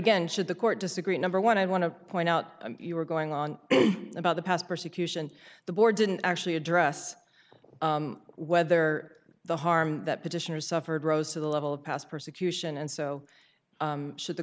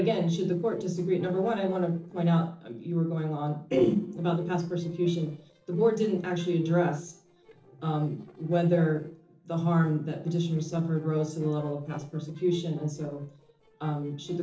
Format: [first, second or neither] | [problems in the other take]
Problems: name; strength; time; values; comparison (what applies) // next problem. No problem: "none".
first | noise reduction (neural separator model SepFormer DNS4)